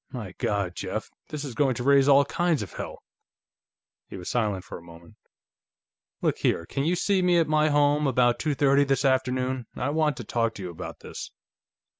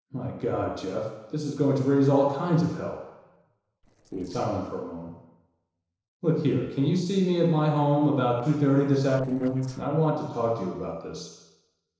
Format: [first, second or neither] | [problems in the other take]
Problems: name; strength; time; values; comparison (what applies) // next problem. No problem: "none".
first | noise reduction (neural separator model SepFormer DNS4)